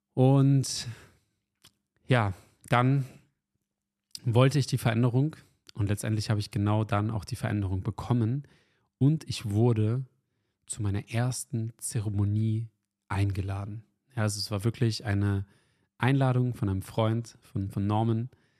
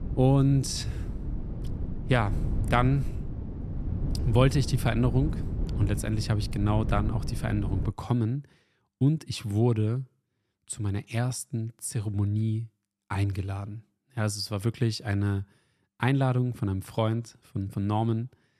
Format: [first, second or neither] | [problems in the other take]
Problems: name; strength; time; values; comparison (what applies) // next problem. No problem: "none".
first | wind noise on the microphone; occasional gusts; until 8 s; 10 dB below the speech